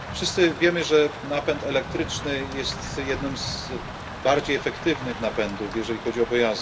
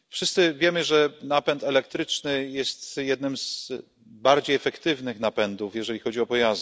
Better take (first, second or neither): second